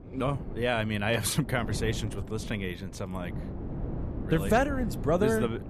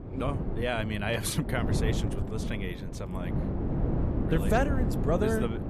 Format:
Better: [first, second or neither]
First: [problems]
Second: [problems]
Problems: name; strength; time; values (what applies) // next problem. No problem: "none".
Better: first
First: wind noise on the microphone; occasional gusts; 15 dB below the speech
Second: wind noise on the microphone; heavy; 6 dB below the speech